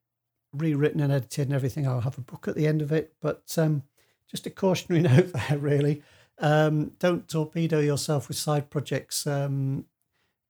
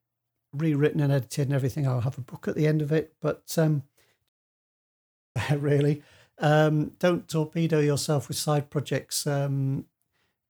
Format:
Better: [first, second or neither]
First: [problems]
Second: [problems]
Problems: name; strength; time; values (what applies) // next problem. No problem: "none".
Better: first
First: none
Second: audio cutting out; at 4.5 s for 1 s